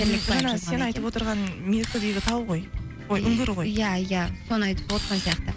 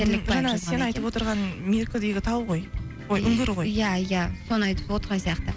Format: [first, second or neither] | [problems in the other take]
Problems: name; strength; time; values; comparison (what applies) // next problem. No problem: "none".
second | background sound (Camera); 12 dB below the speech